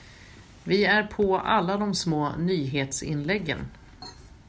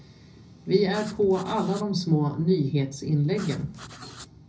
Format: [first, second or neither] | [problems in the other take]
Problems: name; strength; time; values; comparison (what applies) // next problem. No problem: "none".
first | background sound (Writing); 18 dB below the speech // room echo; dies away in 0.4 s